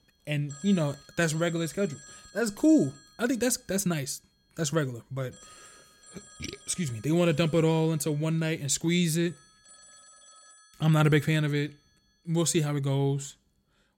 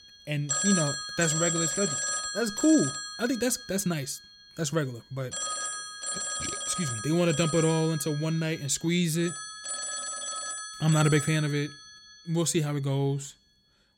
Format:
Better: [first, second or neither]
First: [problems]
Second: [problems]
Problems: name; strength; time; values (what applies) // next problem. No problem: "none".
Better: first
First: alarms or sirens; faint; throughout; 25 dB below the speech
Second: alarms or sirens; loud; throughout; 3 dB below the speech